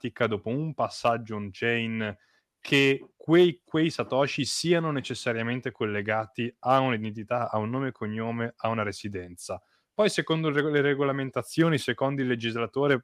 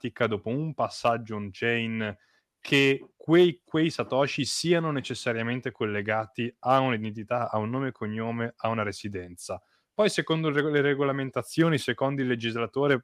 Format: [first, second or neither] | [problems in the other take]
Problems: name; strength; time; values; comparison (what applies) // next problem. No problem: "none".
neither | none